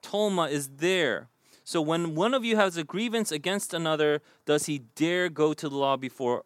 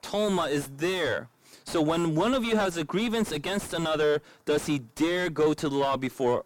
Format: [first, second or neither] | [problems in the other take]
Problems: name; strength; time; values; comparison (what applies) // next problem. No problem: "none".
first | distortion; heavy; 5 dB below the speech